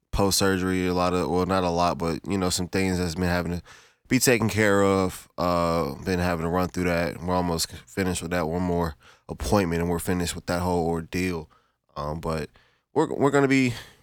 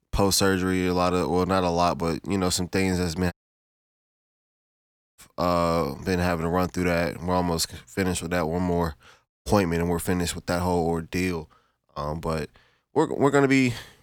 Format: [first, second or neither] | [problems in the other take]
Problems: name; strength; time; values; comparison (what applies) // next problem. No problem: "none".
first | audio cutting out; at 3.5 s for 2 s and at 9.5 s